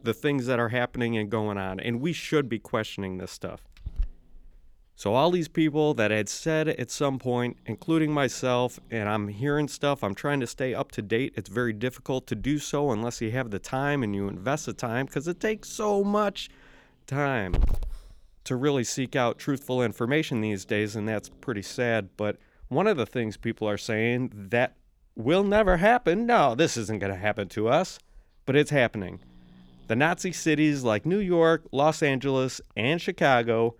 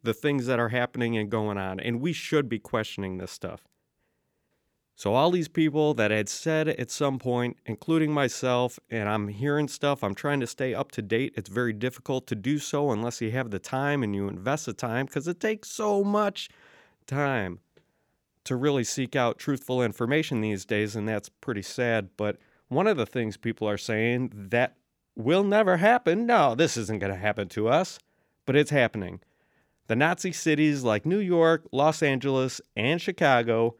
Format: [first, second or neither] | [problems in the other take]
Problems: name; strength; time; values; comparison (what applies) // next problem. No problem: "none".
second | hiss; noticeable; throughout; 15 dB below the speech